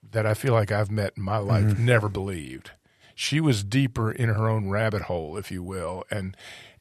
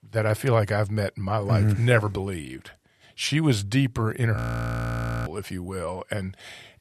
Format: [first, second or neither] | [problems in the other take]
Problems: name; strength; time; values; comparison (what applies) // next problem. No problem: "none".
first | audio freezing; at 4.5 s for 1 s